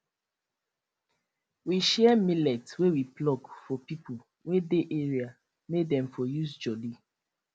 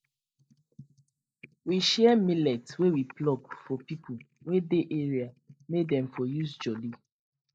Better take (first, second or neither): first